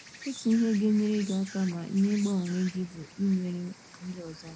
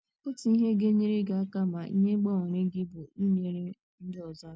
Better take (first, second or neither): second